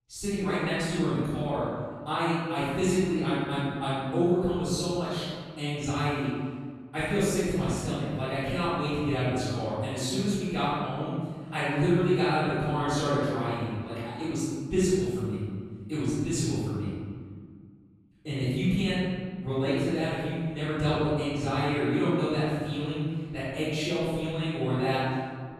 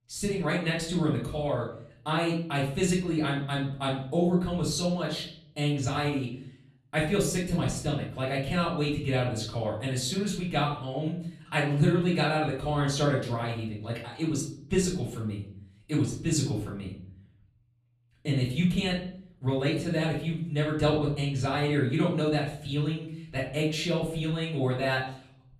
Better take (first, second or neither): second